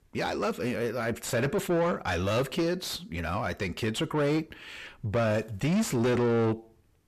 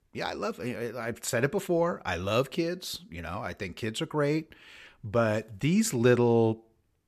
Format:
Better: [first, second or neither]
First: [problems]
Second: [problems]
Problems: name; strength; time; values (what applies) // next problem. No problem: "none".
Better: second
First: distortion; heavy; 7 dB below the speech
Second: none